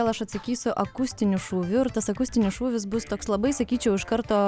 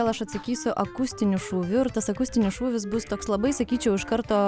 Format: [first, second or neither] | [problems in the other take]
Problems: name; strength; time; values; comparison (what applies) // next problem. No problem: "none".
first | background sound (Wind instrument, woodwind instrument); 19 dB below the speech